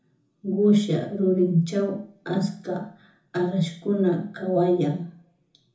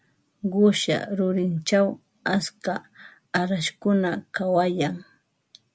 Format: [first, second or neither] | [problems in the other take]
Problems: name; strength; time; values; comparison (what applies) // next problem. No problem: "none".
second | room echo; dies away in 0.5 s